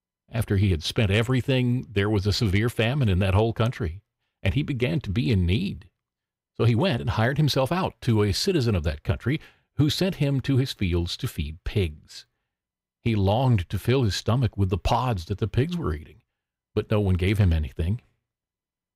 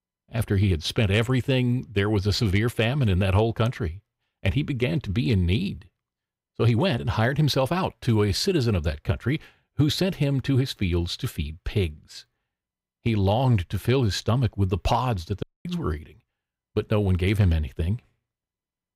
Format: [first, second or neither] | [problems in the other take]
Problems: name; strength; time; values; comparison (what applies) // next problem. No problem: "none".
first | audio cutting out; at 15 s